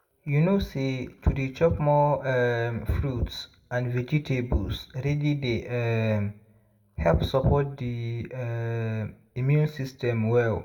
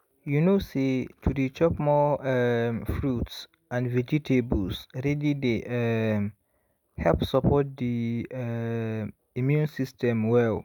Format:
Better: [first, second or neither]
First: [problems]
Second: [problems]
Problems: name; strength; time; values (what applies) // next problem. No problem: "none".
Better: second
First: room echo; dies away in 0.3 s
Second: none